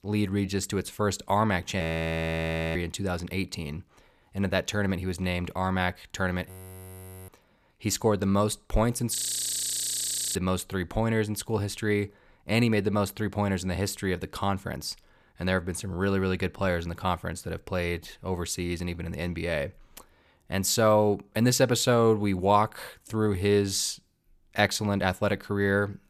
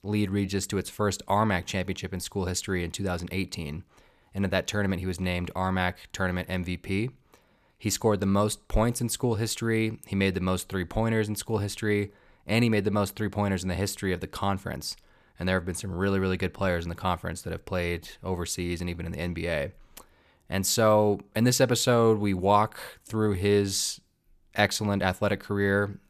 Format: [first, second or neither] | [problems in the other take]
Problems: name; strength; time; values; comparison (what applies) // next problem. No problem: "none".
second | audio freezing; at 2 s for 1 s, at 6.5 s for 1 s and at 9 s for 1 s